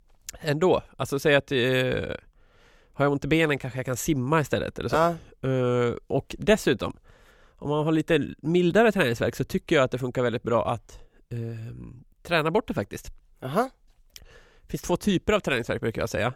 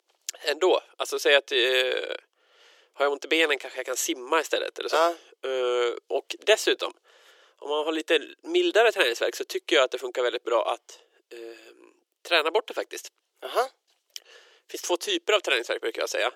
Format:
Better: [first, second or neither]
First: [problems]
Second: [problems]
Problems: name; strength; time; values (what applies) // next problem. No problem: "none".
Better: first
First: none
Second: thin; very; fading below 350 Hz